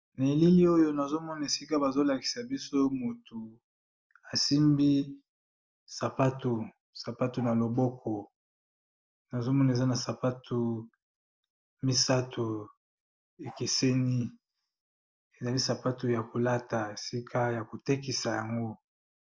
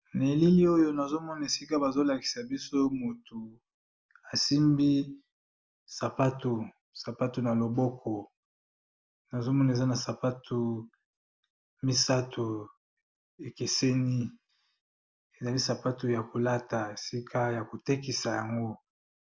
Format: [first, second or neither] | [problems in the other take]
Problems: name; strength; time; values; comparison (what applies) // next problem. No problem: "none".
second | noise reduction (neural mask model DeepFilterNet 3)